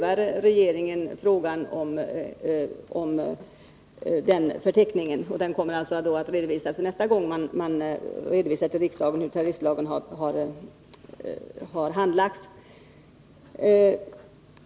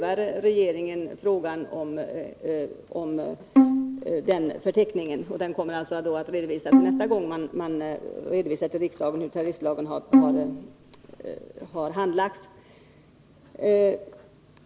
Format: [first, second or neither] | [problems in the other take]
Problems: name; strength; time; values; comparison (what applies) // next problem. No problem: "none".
first | background sound (Bowed string instrument); 3 dB above the speech